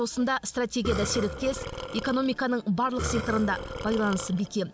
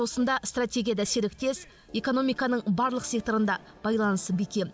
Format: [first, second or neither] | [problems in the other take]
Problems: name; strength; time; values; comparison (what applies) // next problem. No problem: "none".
second | background sound (Burping, eructation); 7 dB below the speech